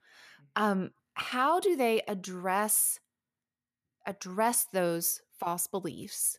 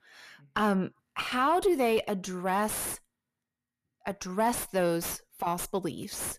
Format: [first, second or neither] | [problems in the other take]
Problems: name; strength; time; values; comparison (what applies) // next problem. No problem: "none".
first | distortion; heavy; 5 dB below the speech